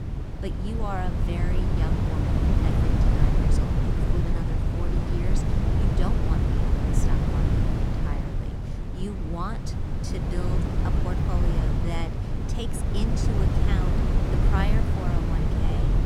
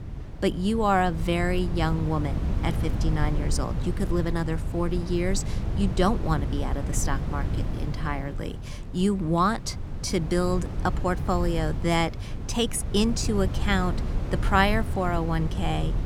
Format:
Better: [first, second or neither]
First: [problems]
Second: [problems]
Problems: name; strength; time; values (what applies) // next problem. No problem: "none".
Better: second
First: wind noise on the microphone; heavy; 3 dB above the speech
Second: wind noise on the microphone; occasional gusts; 15 dB below the speech